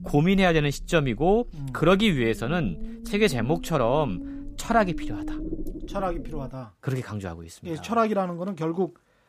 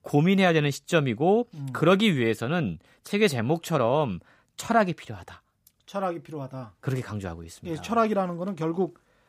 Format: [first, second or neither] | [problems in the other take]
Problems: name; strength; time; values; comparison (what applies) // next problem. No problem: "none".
second | low rumble; noticeable; until 6.5 s; 15 dB below the speech